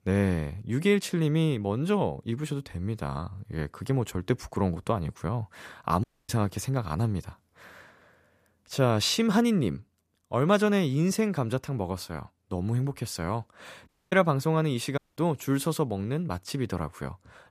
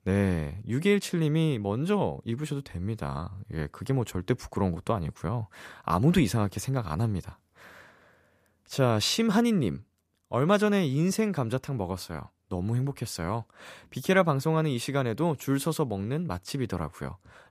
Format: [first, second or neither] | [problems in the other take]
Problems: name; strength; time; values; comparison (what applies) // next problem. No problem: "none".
second | audio cutting out; at 6 s, at 14 s and at 15 s